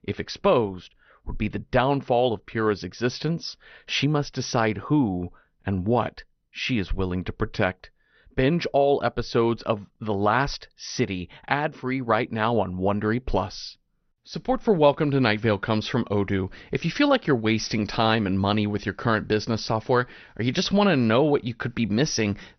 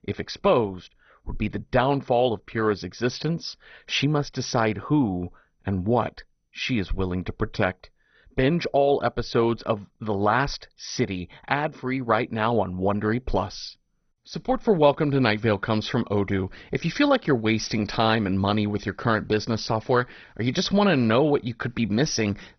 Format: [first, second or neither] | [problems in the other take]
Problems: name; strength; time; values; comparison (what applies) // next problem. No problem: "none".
first | garbled, watery; badly; nothing above 6 kHz; slightly in the first